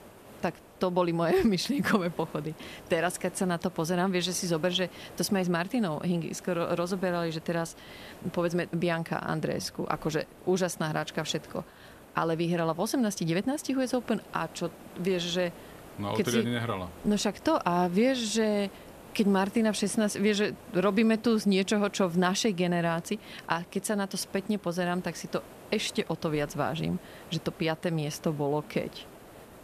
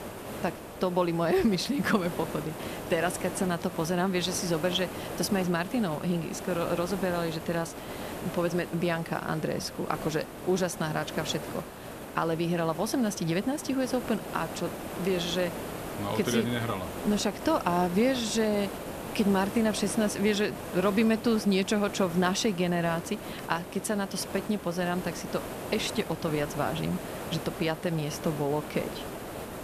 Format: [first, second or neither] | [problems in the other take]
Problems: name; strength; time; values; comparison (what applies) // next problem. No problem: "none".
first | hiss; loud; throughout; 9 dB below the speech; faint in the first